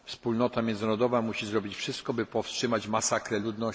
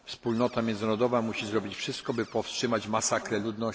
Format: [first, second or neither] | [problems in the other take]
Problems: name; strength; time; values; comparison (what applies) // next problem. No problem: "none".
first | background sound (Cupboard open or close); 19 dB below the speech